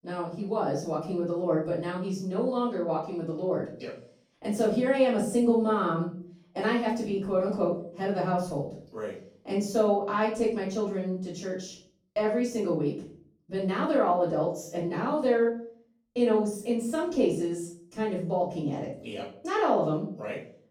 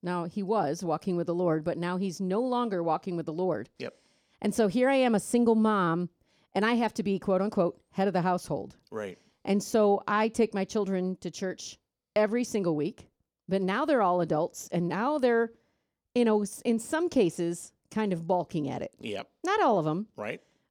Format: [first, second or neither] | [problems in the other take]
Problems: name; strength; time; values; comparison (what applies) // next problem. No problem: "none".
second | off-mic speech; far // room echo; noticeable; dies away in 0.4 s